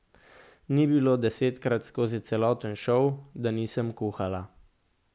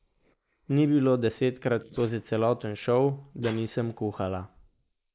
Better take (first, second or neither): first